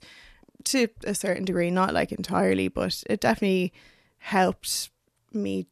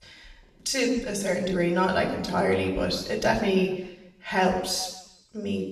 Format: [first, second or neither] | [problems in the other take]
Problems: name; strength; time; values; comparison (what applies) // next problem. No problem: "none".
first | room echo; noticeable; dies away in 1 s // off-mic speech; far